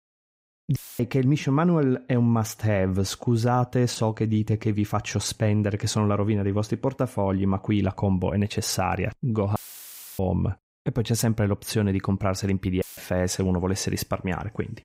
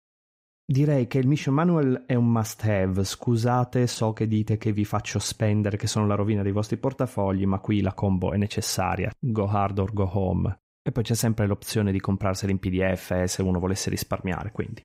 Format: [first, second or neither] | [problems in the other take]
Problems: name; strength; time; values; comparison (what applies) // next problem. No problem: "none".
second | audio cutting out; filled with static; at 1 s, at 9.5 s for 0.5 s and at 13 s